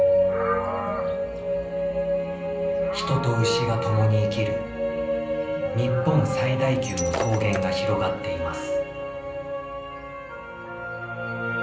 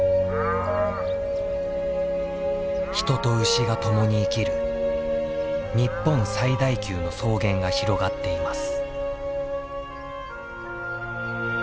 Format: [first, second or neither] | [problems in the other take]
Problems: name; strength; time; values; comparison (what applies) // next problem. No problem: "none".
second | background sound (Shatter); 10 dB below the speech // room echo; dies away in 0.6 s